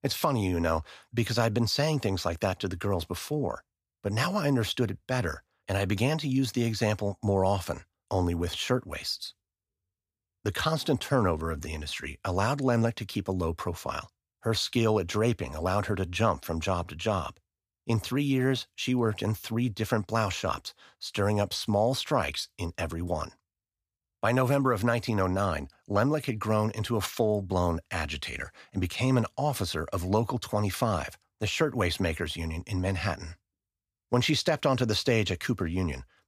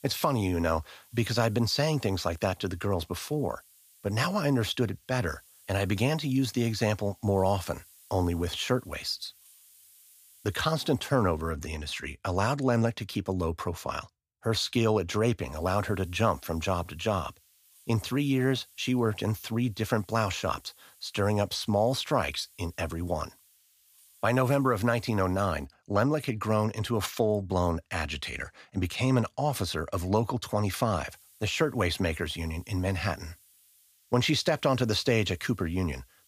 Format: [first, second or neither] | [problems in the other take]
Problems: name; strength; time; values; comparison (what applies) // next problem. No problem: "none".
first | hiss; faint; until 11 s, from 15 to 26 s and from 31 s on; 25 dB below the speech